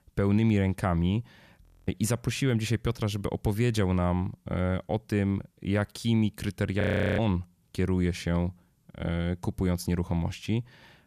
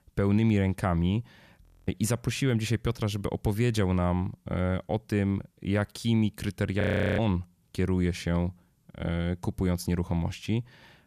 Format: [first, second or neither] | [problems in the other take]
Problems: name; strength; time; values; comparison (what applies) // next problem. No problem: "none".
neither | audio freezing; at 1.5 s and at 7 s; the same in both